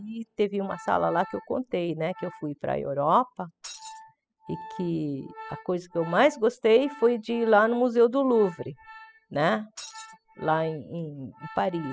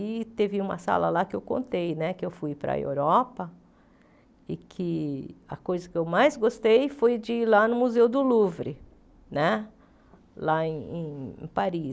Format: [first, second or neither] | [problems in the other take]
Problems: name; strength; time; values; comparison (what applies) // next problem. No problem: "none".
second | noise reduction (classical method spectral subtraction)